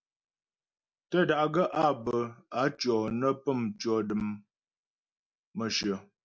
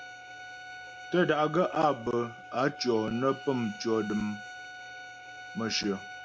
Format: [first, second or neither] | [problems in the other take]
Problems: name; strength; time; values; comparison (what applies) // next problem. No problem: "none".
first | background sound (Bowed string instrument); 13 dB below the speech